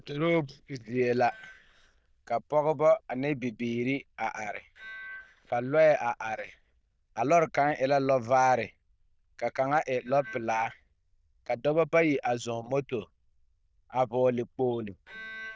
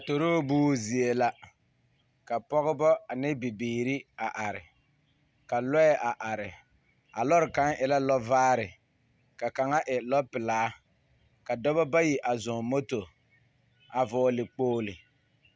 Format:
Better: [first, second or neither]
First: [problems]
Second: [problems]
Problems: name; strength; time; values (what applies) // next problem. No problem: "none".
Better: second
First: noise reduction (neural diffusion model UNIVERSE++)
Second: none